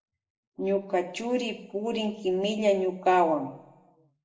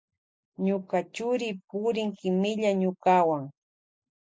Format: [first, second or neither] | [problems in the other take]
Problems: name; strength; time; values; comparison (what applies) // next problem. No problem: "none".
second | room echo; dies away in 0.7 s